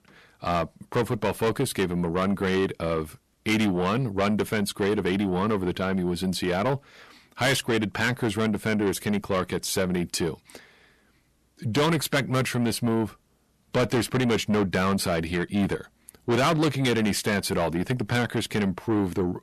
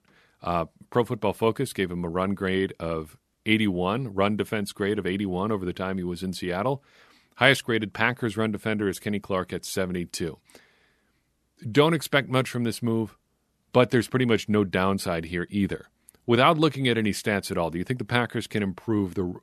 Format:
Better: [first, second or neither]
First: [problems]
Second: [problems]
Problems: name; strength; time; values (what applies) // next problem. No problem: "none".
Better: second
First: distortion; heavy; 6 dB below the speech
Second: none